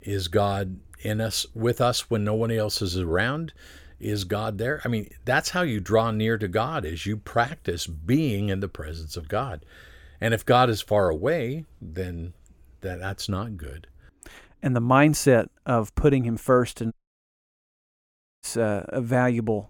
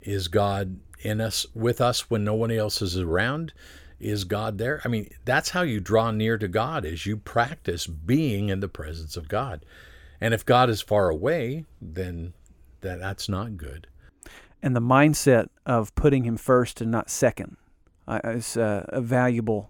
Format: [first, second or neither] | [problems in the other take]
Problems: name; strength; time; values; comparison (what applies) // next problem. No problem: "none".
second | audio cutting out; at 17 s for 1.5 s